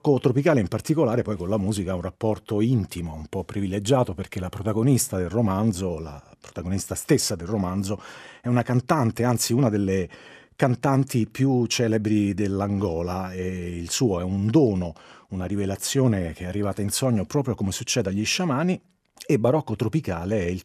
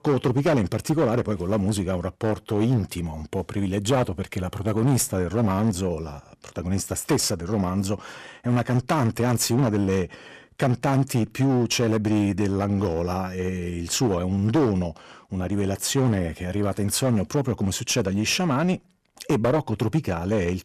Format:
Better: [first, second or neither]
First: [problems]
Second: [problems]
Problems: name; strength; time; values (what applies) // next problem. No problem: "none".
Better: first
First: none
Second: distortion; slight; 10% of the sound clipped